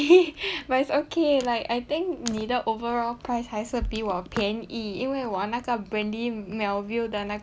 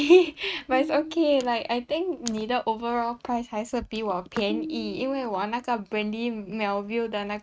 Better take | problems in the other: first | noise reduction (neural mask model RNNoise)

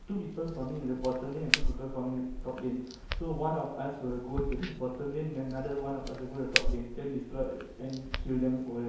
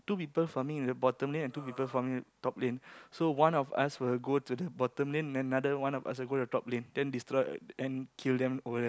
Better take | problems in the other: second | background sound (Crack); 1 dB below the speech // room echo; dies away in 1 s

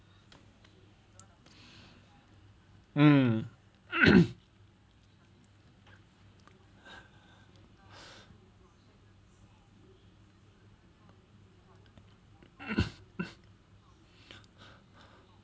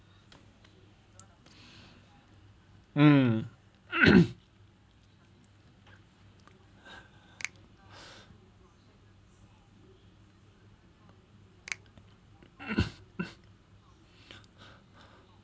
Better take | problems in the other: first | background sound (Finger snapping); 17 dB below the speech

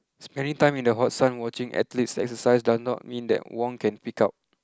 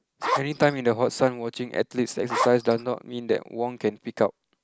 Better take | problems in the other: first | background sound (Zipper (clothing)); 2 dB below the speech

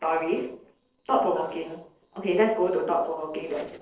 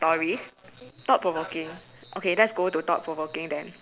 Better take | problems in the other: second | noise reduction (neural separator model SepFormer DNS4)

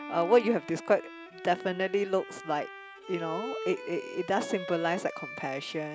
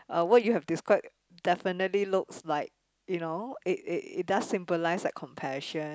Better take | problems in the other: second | background sound (Bowed string instrument); 11 dB below the speech

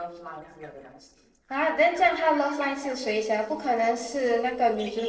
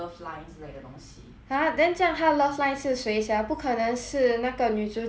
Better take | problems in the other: second | noise reduction (neural separator model SepFormer DNS4)

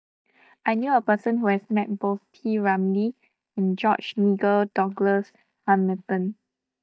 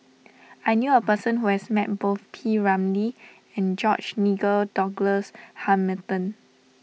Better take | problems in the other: second | noise reduction (neural mask model DeepFilterNet 3)

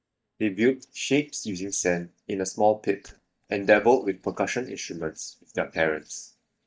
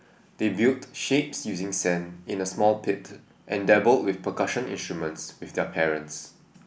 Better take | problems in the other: second | noise reduction (neural mask model DeepFilterNet 3)

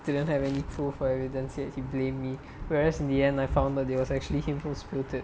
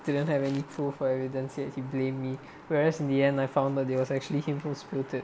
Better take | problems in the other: second | background sound (Thunder); 10 dB below the speech

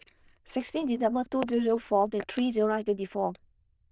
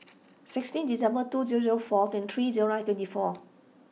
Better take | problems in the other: second | noise reduction (neural diffusion model UNIVERSE++)

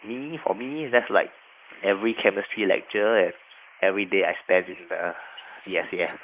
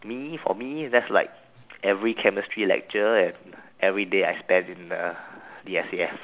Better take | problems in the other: second | noise reduction (neural mask model Resemble Enhance denoiser)

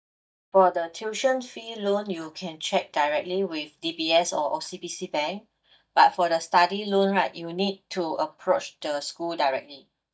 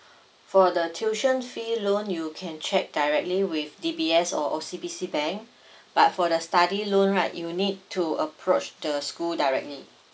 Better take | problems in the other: second | noise reduction (neural mask model DeepFilterNet 3)

